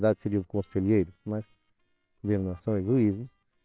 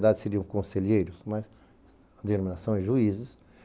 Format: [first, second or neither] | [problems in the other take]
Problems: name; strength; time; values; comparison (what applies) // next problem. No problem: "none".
second | noise reduction (neural separator model SepFormer WHAMR!)